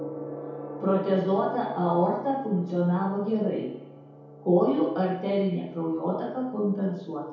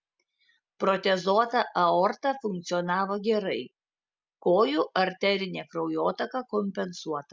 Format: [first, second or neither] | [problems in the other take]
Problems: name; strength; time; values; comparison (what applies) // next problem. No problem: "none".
second | background sound (Gong); 15 dB below the speech // room echo; dies away in 0.8 s